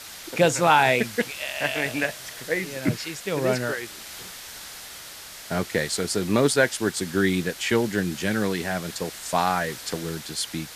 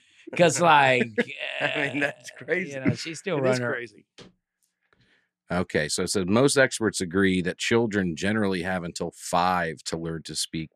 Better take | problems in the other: second | hiss; noticeable; throughout; 15 dB below the speech

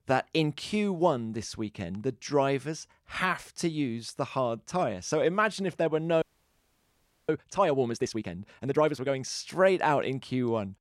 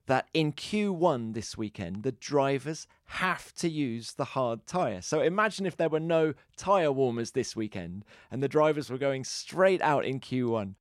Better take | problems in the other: second | audio freezing; at 6 s for 1 s

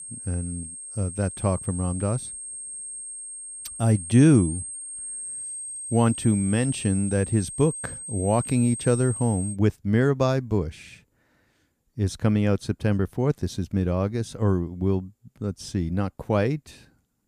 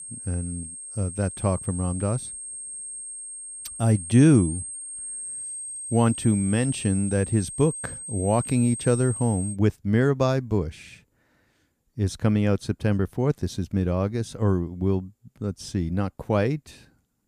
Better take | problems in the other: neither | high-pitched whine; loud; until 9.5 s; 8.5 kHz, 8 dB below the speech; the same in both

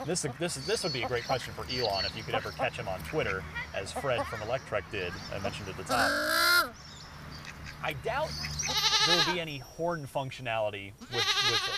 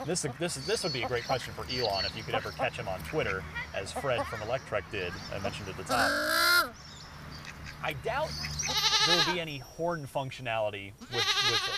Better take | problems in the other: neither | animal sounds; very loud; throughout; 5 dB above the speech; the same in both

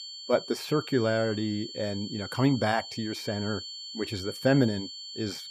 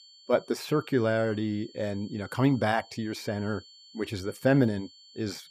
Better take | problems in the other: second | high-pitched whine; loud; throughout; 4.5 kHz, 10 dB below the speech; faint in the second

